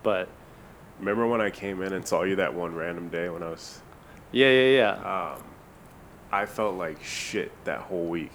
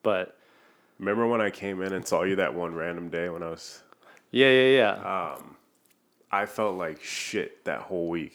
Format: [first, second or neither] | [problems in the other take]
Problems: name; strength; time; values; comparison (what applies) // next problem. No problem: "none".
second | hiss; faint; throughout; 25 dB below the speech